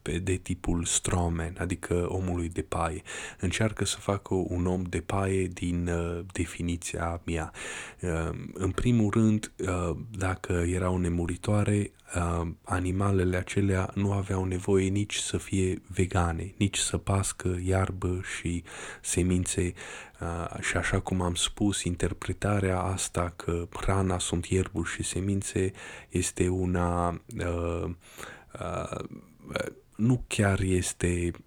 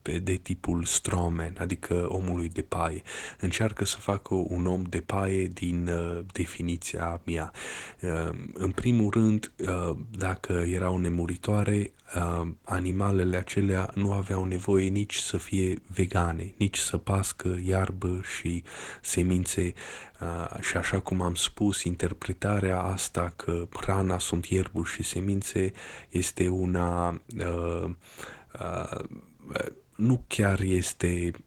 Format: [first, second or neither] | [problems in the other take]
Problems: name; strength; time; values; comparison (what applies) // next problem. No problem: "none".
first | garbled, watery; slightly